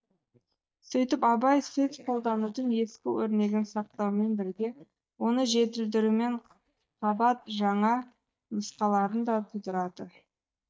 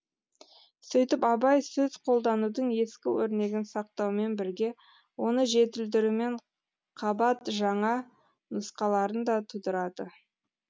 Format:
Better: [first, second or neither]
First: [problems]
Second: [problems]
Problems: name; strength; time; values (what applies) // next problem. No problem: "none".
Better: second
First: noise reduction (neural mask model DeepFilterNet 3)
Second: none